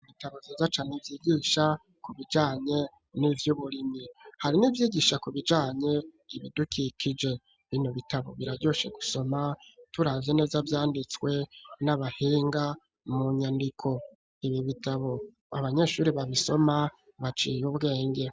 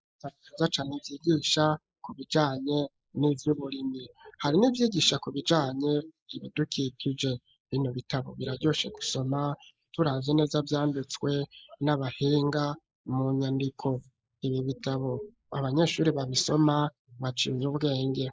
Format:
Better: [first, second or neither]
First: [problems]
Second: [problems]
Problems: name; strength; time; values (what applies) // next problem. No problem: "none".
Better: first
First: none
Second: noise reduction (neural mask model Resemble Enhance denoiser)